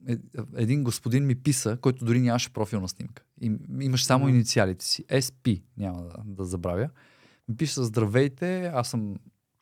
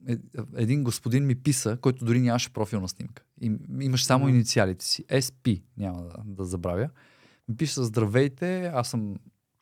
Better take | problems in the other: neither | none

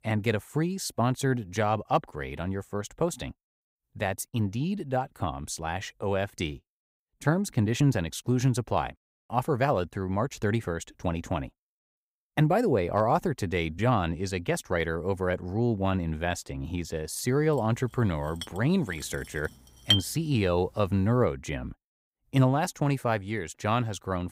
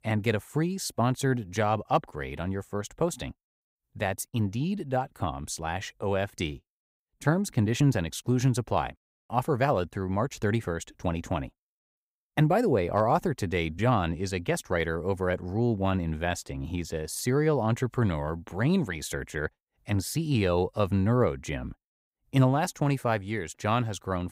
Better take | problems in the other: second | clattering dishes; loud; from 18 to 20 s; peak 4 dB above the speech

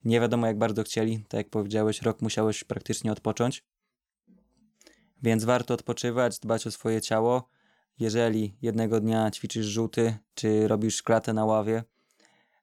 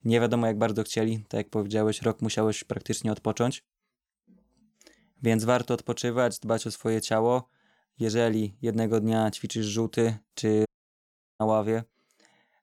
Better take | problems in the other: first | audio cutting out; at 11 s for 0.5 s

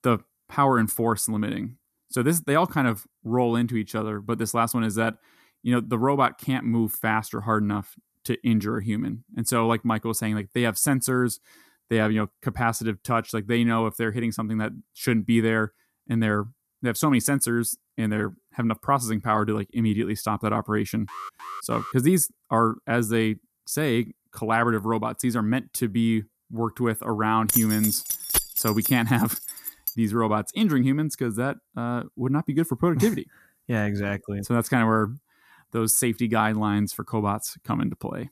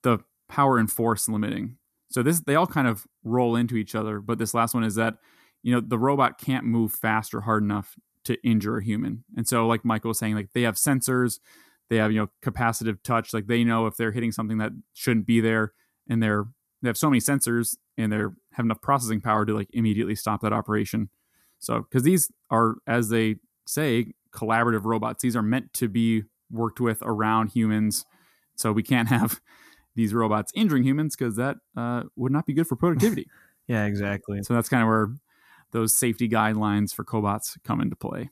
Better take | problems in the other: second | alarm; faint; at 21 s; peak 10 dB below the speech // jangling keys; loud; from 27 to 30 s; peak 2 dB above the speech

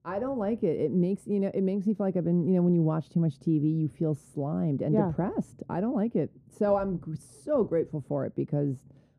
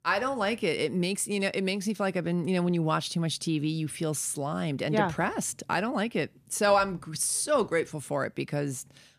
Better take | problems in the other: second | muffled; very; fading above 1 kHz

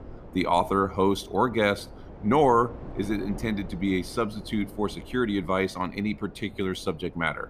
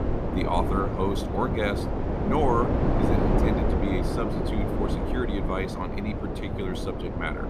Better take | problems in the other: first | wind noise on the microphone; heavy; as loud as the speech; occasional gusts in the first

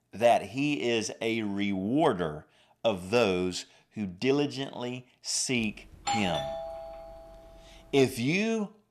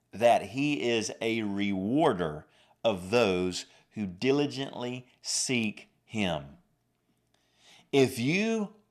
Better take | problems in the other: second | doorbell; noticeable; from 6 to 7 s; peak 2 dB below the speech

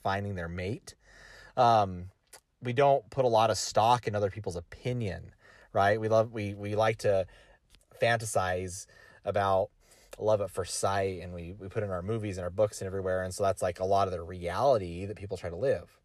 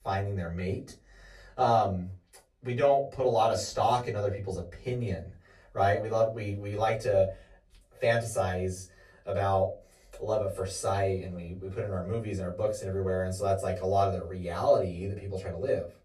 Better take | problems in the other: first | off-mic speech; far // room echo; very slight; dies away in 0.2 s

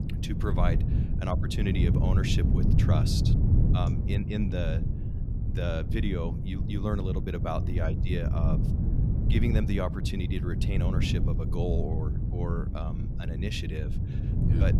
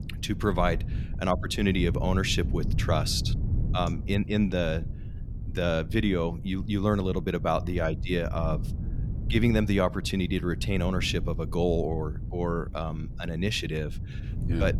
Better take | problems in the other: second | wind noise on the microphone; heavy; 4 dB below the speech; occasional gusts in the second

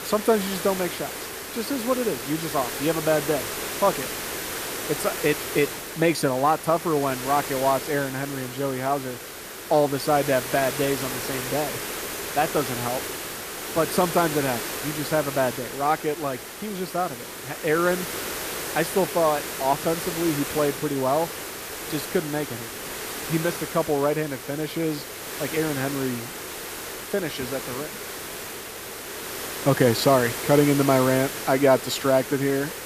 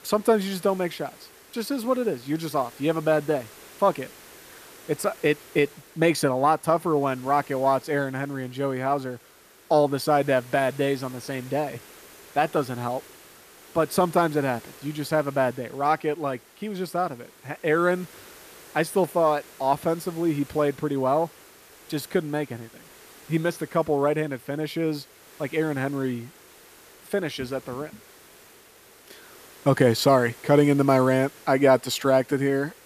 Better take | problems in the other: second | hiss; loud; throughout; 6 dB below the speech; faint in the second

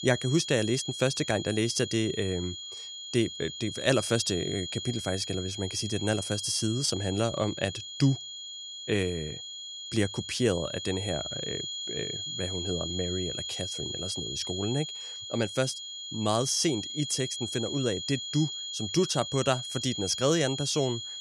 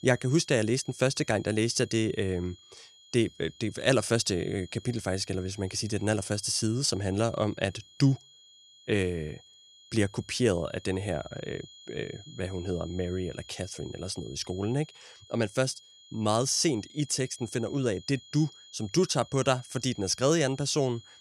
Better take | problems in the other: second | high-pitched whine; loud; throughout; 3.5 kHz, 6 dB below the speech; faint in the second

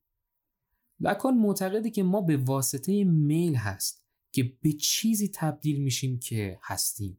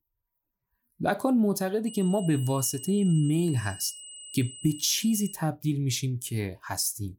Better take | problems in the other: first | high-pitched whine; noticeable; from 2 to 5.5 s; 8 kHz, 15 dB below the speech

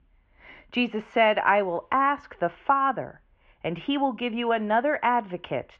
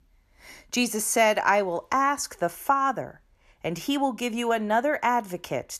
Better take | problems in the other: second | muffled; very; fading above 3 kHz

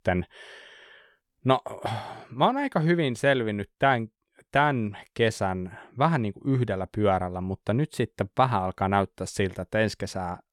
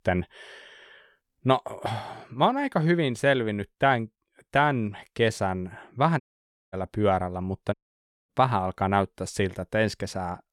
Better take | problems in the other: first | audio cutting out; at 6 s for 0.5 s and at 7.5 s for 0.5 s

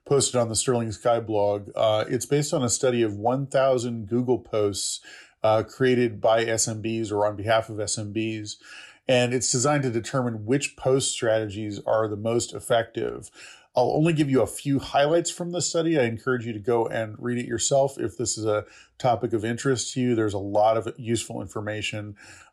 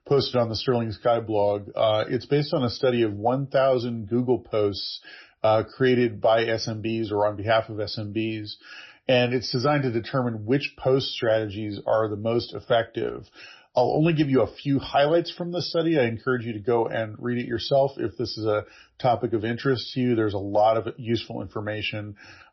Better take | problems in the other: first | garbled, watery; slightly; nothing above 5.5 kHz

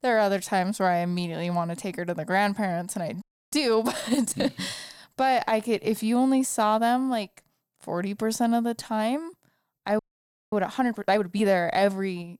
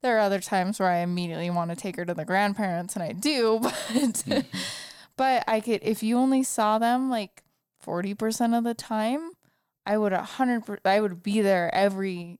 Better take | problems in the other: second | audio freezing; at 3 s and at 10 s for 0.5 s

